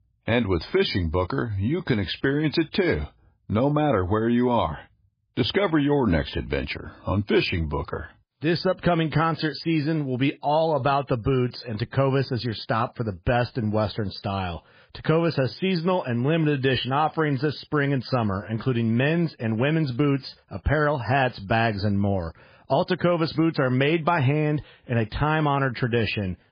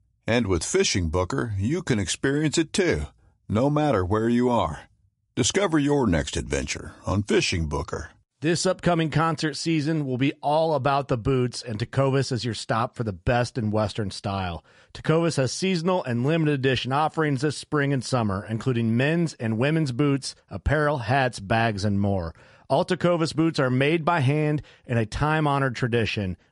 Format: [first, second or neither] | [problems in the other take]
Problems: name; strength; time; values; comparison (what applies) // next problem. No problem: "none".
second | garbled, watery; badly; nothing above 5 kHz; slightly in the second